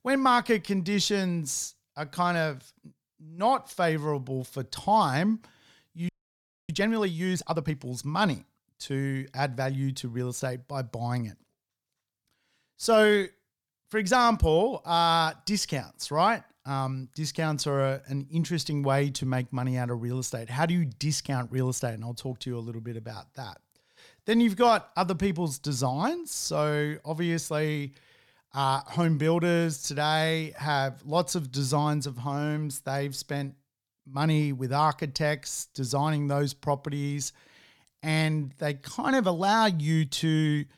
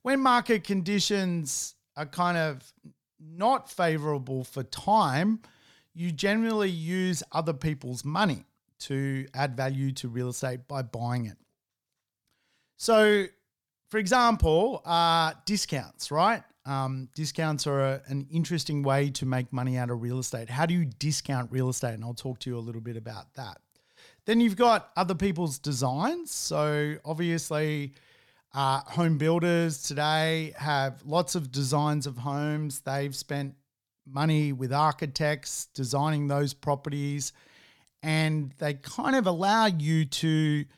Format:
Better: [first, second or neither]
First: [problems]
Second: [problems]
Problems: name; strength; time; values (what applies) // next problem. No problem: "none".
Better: second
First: audio freezing; at 6 s for 0.5 s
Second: none